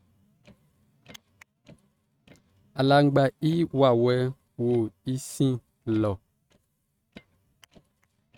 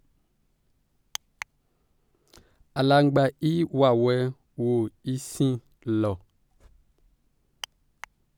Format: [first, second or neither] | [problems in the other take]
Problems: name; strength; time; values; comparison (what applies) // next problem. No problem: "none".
second | noise reduction (neural mask model RNNoise)